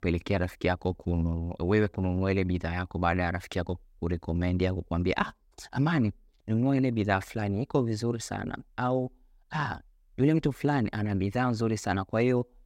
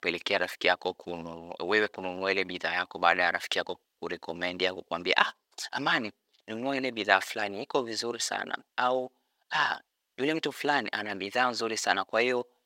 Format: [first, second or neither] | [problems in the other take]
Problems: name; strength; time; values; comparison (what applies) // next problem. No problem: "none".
first | thin; very; fading below 550 Hz